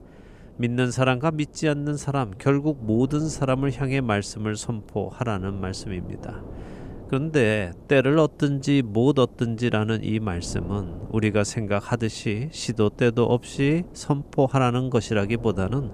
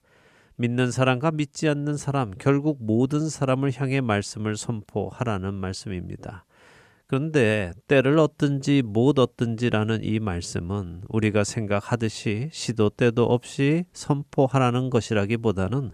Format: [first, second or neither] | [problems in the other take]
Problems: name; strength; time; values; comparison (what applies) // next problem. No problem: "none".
second | wind noise on the microphone; occasional gusts; 20 dB below the speech